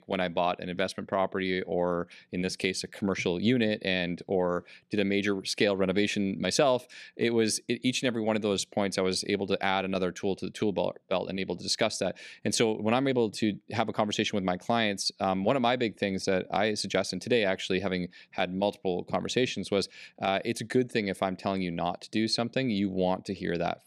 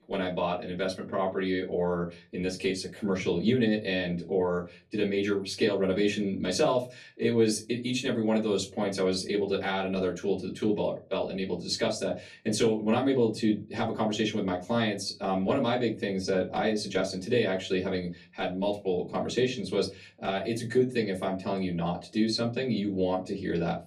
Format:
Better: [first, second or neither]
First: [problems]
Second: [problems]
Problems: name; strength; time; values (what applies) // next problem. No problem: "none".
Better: first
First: none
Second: off-mic speech; far // room echo; very slight; dies away in 0.3 s